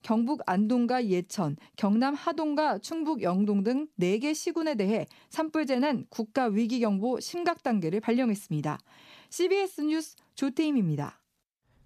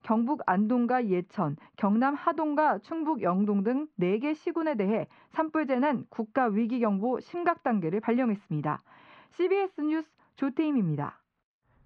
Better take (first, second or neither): first